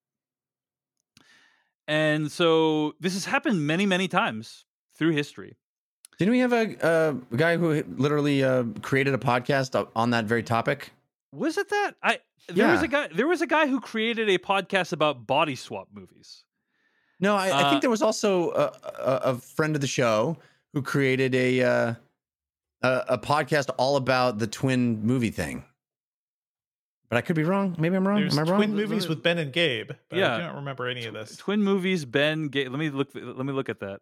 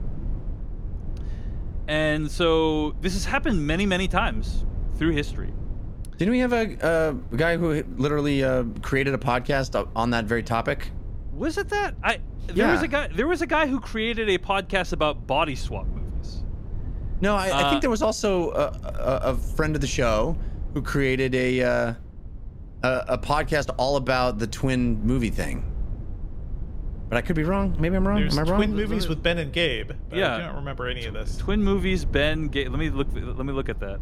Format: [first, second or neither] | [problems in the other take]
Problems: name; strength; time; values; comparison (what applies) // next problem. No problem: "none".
first | low rumble; faint; throughout; 25 dB below the speech